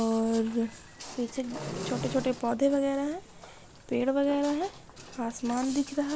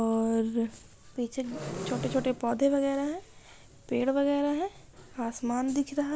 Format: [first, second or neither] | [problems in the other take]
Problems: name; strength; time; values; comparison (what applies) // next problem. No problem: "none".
second | background sound (Walk, footsteps); 18 dB below the speech